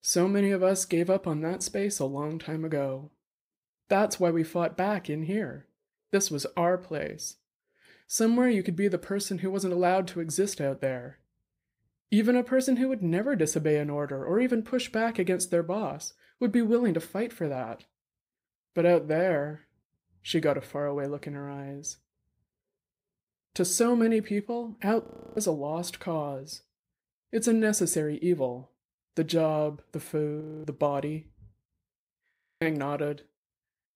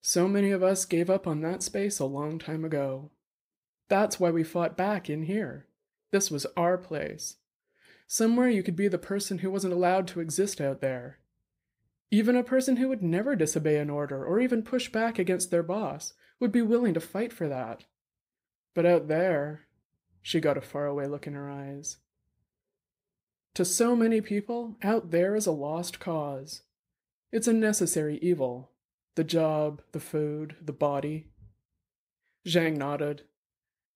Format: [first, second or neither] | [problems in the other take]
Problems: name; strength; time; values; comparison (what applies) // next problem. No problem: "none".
second | audio freezing; at 25 s, at 30 s and at 32 s